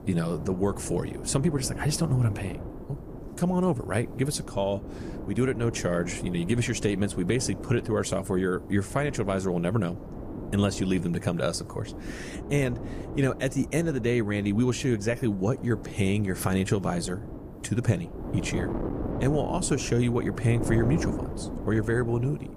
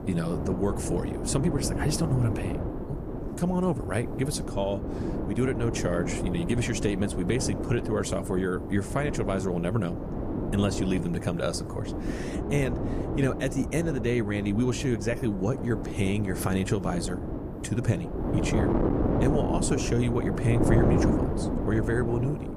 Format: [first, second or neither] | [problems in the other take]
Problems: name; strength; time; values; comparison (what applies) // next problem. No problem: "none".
first | wind noise on the microphone; heavy; 3 dB below the speech; occasional gusts in the first